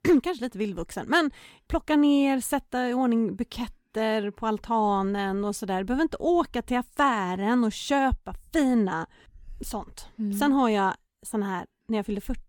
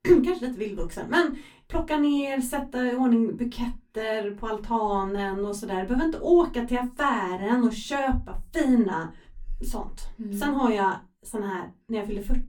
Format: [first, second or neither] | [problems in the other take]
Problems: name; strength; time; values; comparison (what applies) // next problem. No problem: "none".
first | off-mic speech; far // room echo; very slight; dies away in 0.2 s